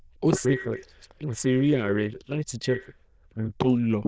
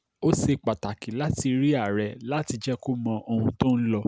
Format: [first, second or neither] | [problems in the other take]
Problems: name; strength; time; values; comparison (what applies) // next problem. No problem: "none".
second | noise reduction (neural diffusion model UNIVERSE++)